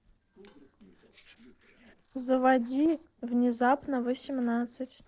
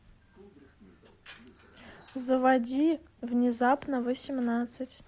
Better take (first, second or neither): second